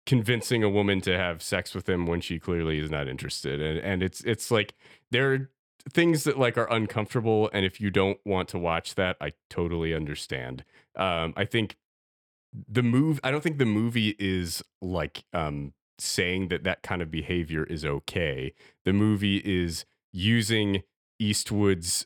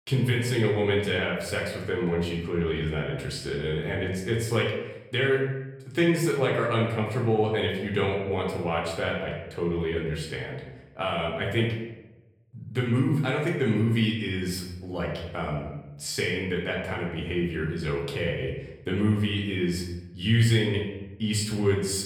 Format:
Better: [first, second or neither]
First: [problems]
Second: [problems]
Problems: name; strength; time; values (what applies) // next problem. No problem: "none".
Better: first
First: none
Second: off-mic speech; far // room echo; noticeable; dies away in 0.9 s